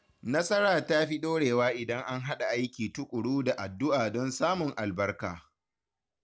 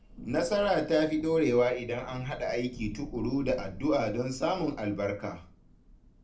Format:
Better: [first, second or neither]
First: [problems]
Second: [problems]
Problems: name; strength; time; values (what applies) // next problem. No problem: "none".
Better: first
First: none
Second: background sound (Thunder / Rain); 16 dB below the speech // room echo; dies away in 0.3 s